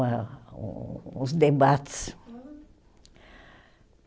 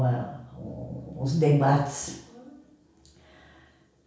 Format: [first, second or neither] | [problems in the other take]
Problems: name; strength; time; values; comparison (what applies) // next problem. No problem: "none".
first | room echo; dies away in 0.6 s